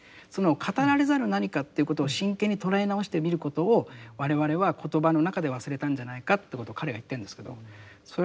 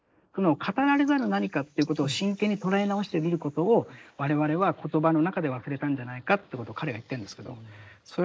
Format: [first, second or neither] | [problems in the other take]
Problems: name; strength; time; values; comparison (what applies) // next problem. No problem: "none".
first | noise reduction (neural mask model Resemble Enhance denoiser)